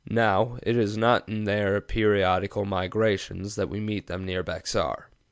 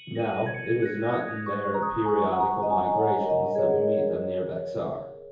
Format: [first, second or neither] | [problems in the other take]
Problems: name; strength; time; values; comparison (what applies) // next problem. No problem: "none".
first | background sound (Mallet percussion); 1 dB above the speech // room echo; dies away in 0.7 s